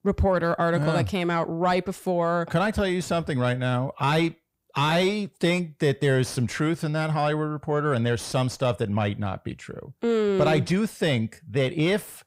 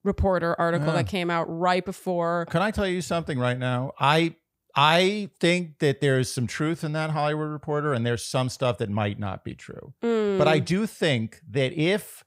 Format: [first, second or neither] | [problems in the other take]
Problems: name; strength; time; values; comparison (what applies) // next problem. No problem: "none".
second | distortion; slight; 10 dB below the speech